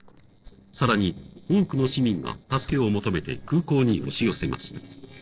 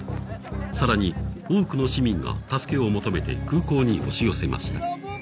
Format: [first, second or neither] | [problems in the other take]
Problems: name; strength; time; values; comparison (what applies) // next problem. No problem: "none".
second | noise reduction (neural separator model SepFormer DNS4)